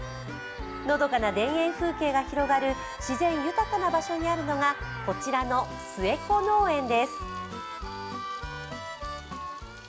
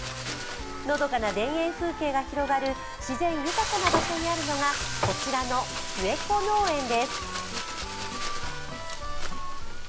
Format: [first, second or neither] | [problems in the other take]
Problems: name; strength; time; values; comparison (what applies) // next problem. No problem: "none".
first | background sound (Frying (food) + Livestock, farm animals, working animals); 4 dB below the speech